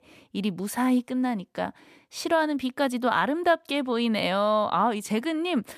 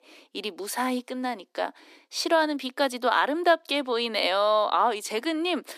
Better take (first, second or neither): first